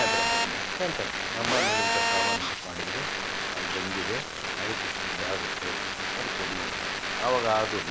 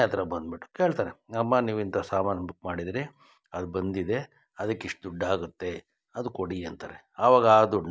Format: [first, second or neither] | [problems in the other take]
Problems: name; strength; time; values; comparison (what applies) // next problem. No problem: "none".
second | background sound (Telephone); 5 dB above the speech